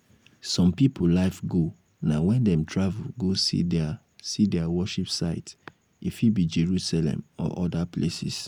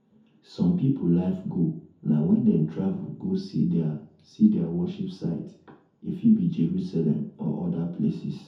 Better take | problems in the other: first | room echo; dies away in 0.5 s

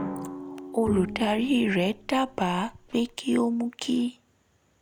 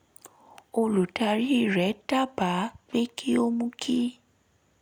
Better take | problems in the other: second | background sound (Drum + Bowed string instrument); 12 dB below the speech

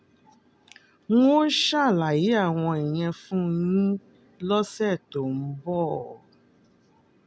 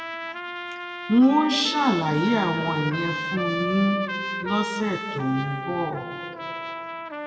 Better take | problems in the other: first | background sound (Trumpet); 6 dB below the speech // room echo; dies away in 2.1 s

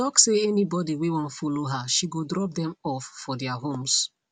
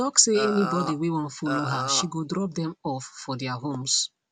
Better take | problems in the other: first | background sound (Burping, eructation); 5 dB below the speech

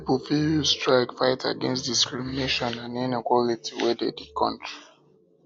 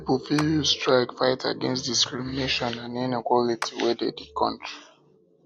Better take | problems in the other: first | background sound (Clapping); 16 dB below the speech

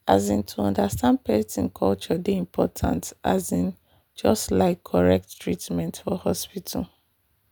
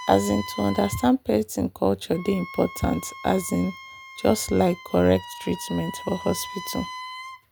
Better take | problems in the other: first | background sound (Wind instrument, woodwind instrument); 14 dB below the speech

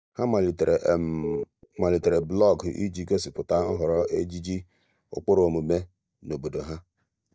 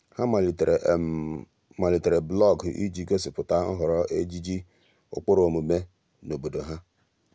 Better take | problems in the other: second | noise reduction (neural mask model DeepFilterNet 3)

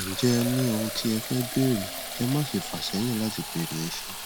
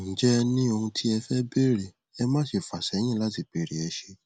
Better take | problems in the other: second | background sound (Fill (with liquid)); 7 dB below the speech

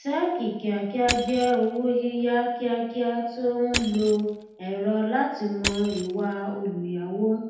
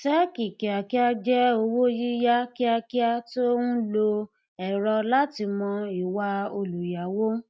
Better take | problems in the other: second | background sound (Crushing); 10 dB below the speech // room echo; dies away in 0.8 s

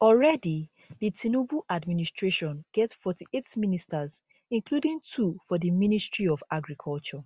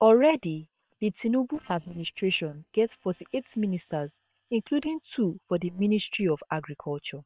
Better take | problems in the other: first | noise reduction (neural separator model SepFormer WHAM!)

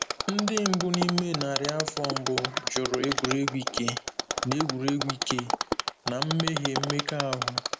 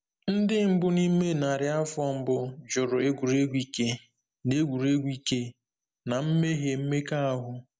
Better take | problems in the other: second | background sound (Mechanisms); 1 dB below the speech

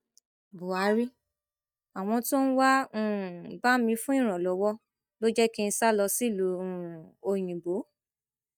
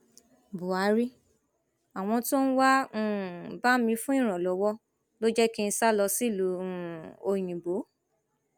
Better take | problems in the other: second | noise reduction (neural mask model DeepFilterNet 3)

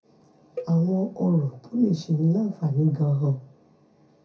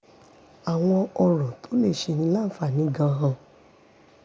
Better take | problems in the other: second | background sound (Cowbell); 18 dB below the speech // room echo; dies away in 0.3 s

